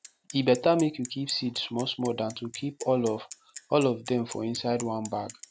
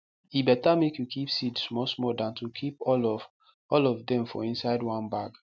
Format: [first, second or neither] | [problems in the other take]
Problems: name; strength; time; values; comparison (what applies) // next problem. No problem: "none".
second | background sound (Bicycle); 18 dB below the speech